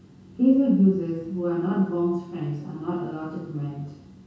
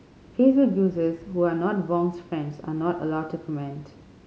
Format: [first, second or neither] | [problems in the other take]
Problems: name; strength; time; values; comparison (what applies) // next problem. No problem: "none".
second | room echo; dies away in 0.6 s